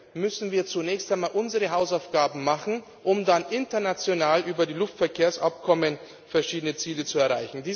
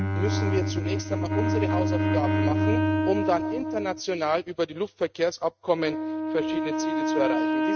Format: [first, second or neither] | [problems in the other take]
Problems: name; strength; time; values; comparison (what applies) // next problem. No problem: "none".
first | noise reduction (neural mask model RNNoise)